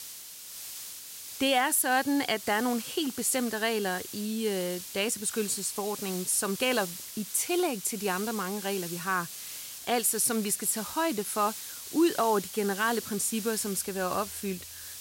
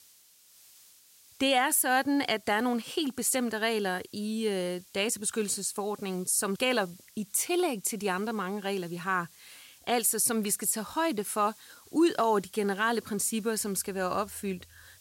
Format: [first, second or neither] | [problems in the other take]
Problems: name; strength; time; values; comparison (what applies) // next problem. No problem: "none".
second | hiss; loud; throughout; 9 dB below the speech; faint in the second